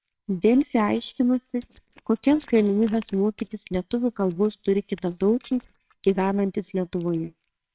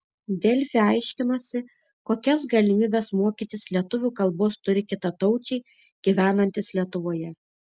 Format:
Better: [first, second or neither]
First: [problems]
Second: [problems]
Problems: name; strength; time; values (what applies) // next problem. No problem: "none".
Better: second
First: noise reduction (neural separator model SepFormer WHAMR!)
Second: none